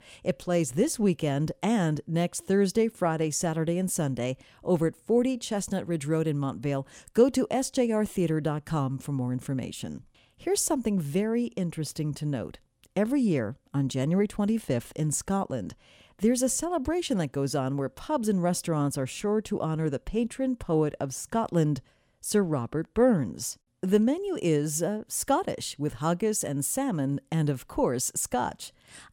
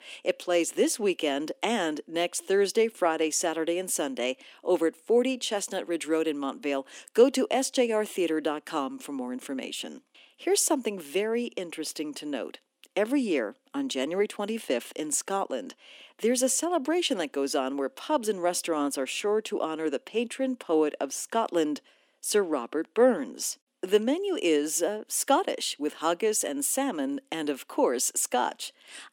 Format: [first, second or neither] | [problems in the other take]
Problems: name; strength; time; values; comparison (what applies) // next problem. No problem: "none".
first | thin; somewhat; fading below 250 Hz